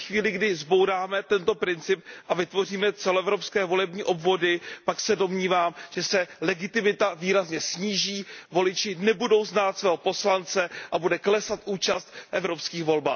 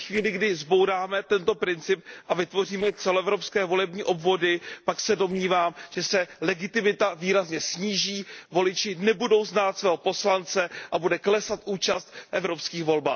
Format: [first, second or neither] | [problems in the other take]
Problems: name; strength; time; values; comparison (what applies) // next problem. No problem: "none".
first | noise reduction (neural separator model SepFormer DNS4)